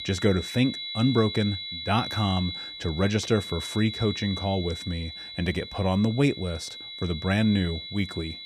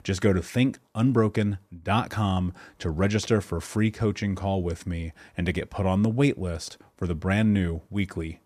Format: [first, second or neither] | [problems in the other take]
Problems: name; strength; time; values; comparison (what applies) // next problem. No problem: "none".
second | high-pitched whine; loud; throughout; 4 kHz, 8 dB below the speech